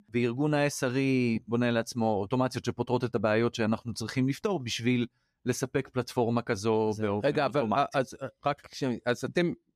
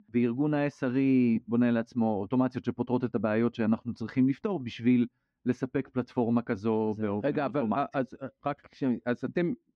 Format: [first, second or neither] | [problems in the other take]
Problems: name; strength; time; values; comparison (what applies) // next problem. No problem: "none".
first | muffled; slightly; fading above 2.5 kHz